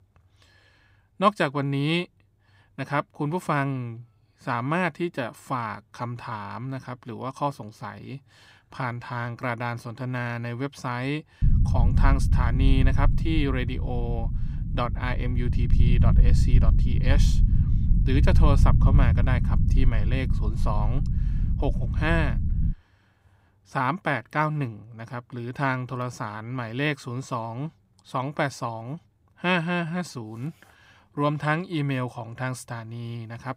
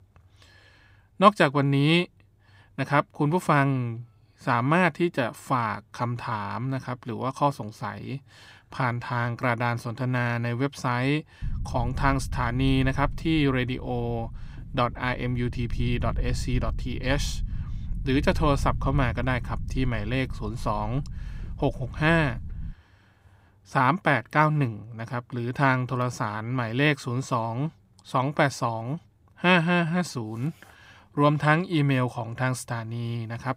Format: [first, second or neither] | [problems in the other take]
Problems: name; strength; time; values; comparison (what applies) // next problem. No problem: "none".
second | low rumble; loud; from 11 to 23 s; 9 dB below the speech; faint in the second